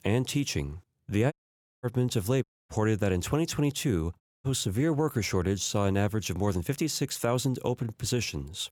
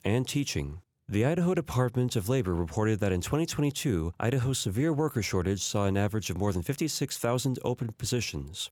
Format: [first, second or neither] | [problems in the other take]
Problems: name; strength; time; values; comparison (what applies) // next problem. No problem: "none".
second | audio cutting out; at 1.5 s for 0.5 s, at 2.5 s and at 4 s